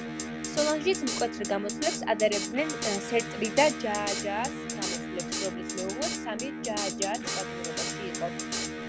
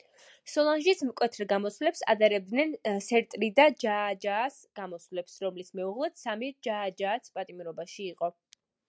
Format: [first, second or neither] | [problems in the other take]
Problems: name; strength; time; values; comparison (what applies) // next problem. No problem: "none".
second | background sound (Electric guitar + Drum kit); 2 dB below the speech